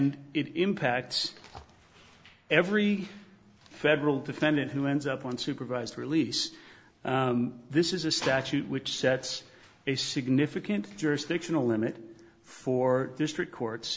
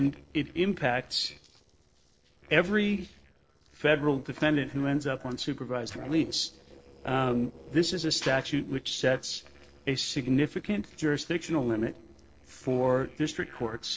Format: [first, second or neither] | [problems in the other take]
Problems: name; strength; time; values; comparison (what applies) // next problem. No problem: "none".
first | noise reduction (neural separator model SepFormer DNS4)